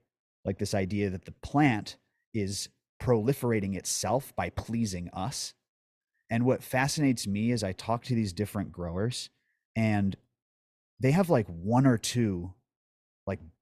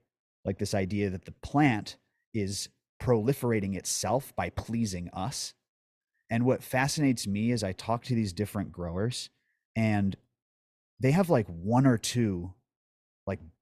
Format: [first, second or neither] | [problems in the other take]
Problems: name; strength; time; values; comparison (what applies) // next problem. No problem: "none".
neither | none